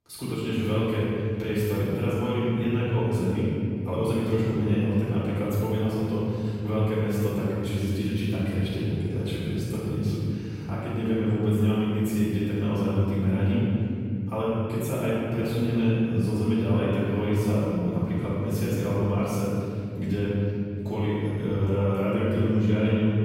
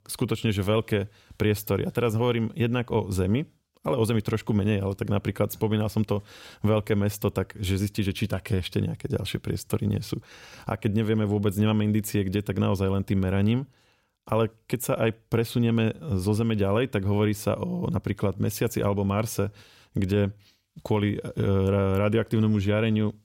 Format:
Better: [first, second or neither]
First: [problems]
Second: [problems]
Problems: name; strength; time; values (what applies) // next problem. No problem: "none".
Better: second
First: off-mic speech; far // room echo; strong; dies away in 3 s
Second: none